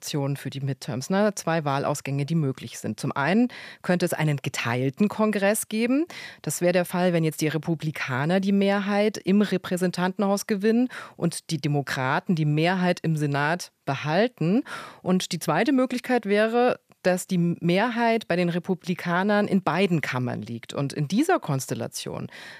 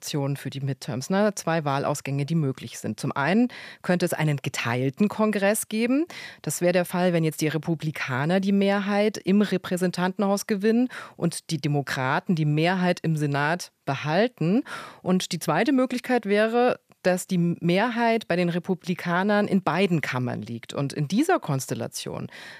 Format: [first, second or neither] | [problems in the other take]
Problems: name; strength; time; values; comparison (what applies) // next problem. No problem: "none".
neither | none